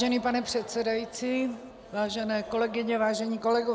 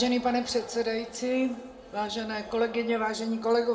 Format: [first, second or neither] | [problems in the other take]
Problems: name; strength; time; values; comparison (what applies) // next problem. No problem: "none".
first | room echo; dies away in 0.6 s